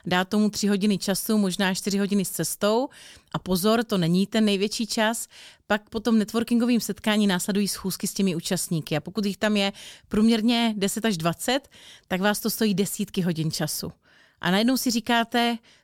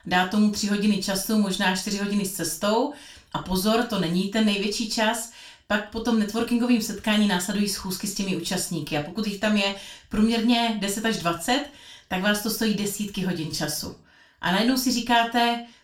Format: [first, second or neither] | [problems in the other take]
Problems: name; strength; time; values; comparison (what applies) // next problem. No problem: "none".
first | room echo; very slight; dies away in 0.3 s // off-mic speech; far